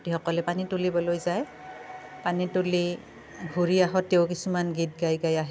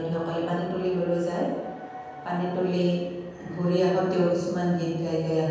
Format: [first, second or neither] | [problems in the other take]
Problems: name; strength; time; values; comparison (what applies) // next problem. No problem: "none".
first | room echo; dies away in 1.2 s